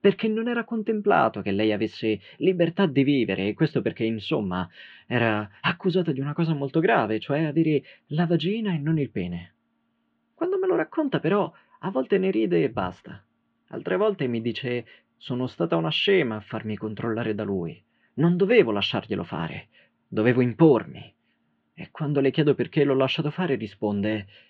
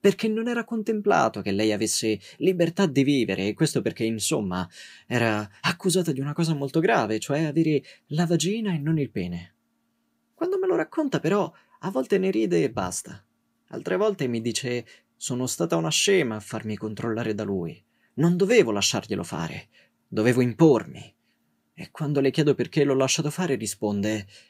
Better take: second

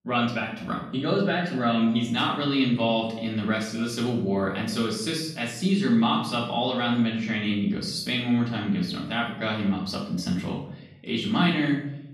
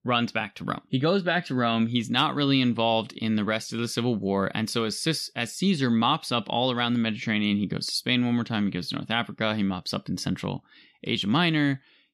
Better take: second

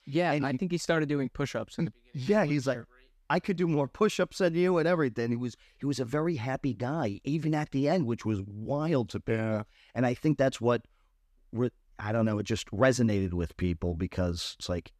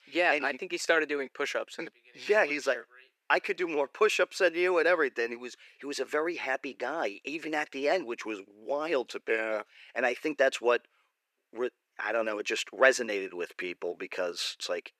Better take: first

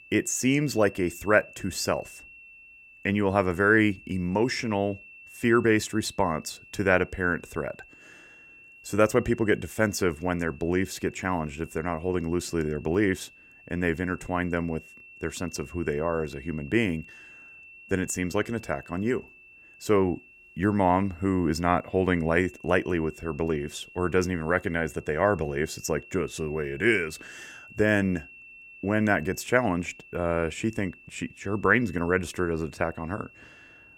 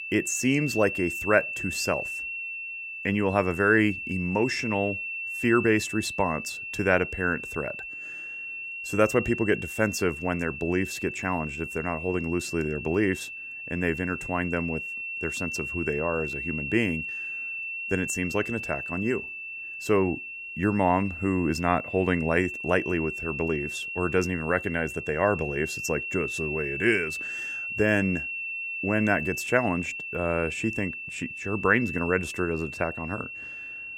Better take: first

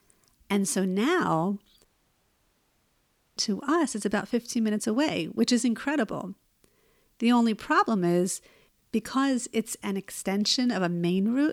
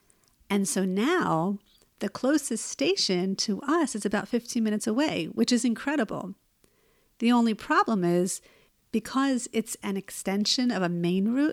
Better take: second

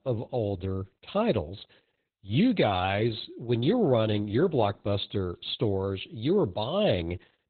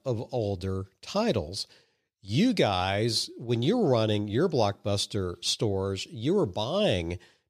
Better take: second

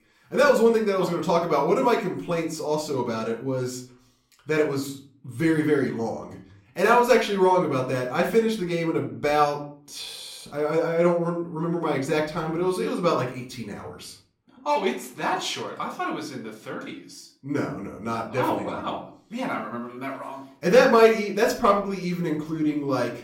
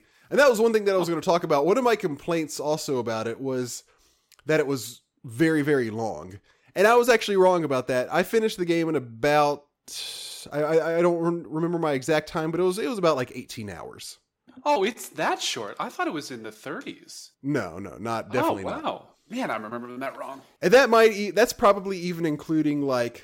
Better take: second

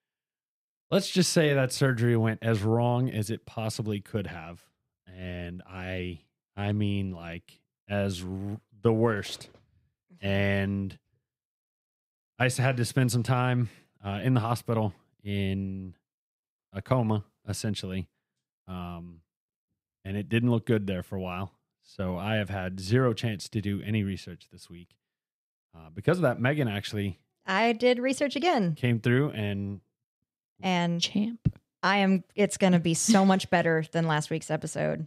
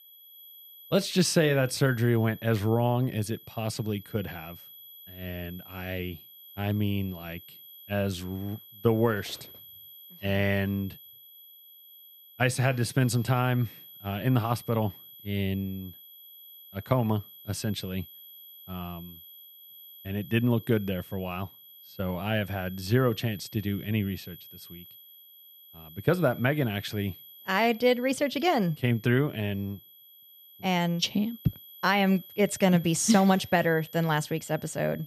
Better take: first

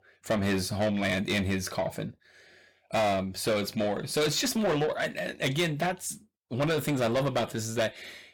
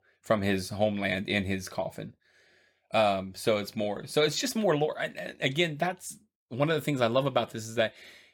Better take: second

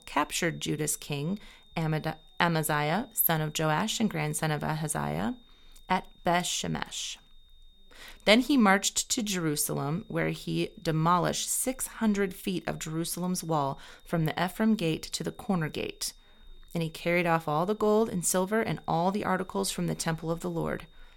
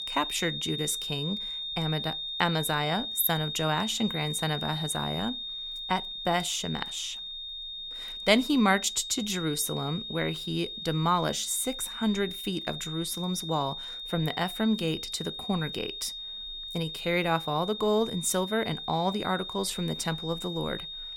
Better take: first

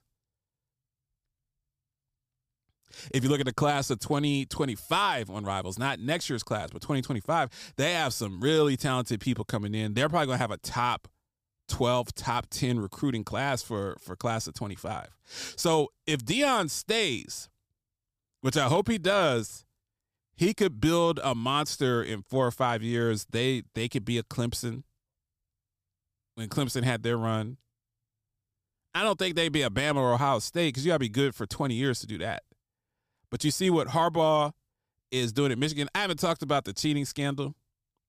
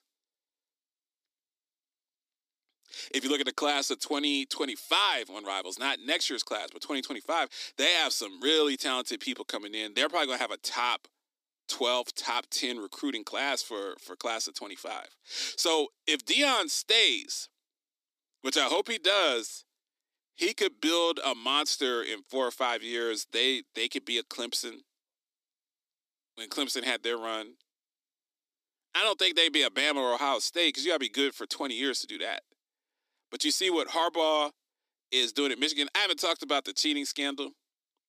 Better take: first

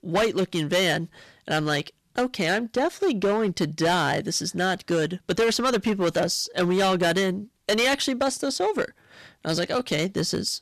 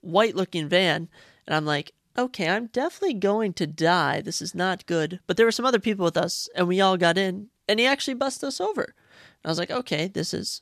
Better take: second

